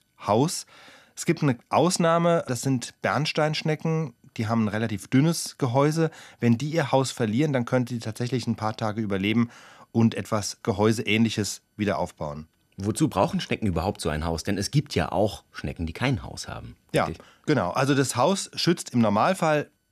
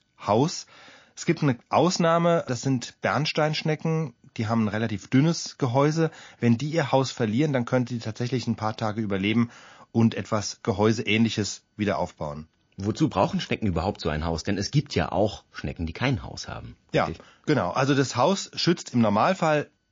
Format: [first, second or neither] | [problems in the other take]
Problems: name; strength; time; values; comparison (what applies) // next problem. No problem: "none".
first | garbled, watery; slightly; nothing above 7 kHz